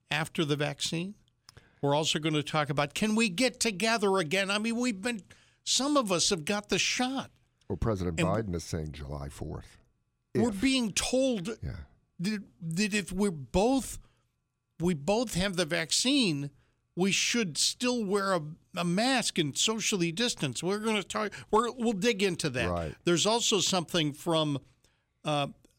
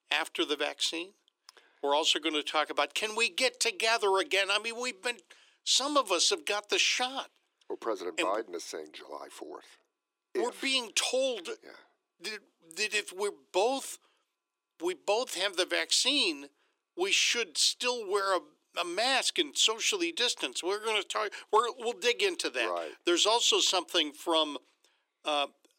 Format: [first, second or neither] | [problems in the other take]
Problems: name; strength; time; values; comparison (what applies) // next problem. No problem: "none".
first | thin; very; fading below 350 Hz